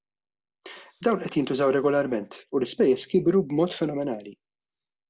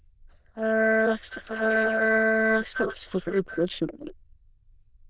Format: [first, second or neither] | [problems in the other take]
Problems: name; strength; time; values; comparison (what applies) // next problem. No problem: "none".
first | noise reduction (neural diffusion model UNIVERSE++)